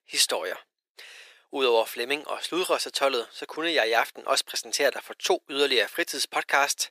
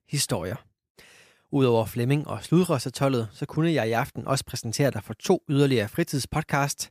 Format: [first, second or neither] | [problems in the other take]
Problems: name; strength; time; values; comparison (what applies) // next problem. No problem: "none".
second | thin; very; fading below 400 Hz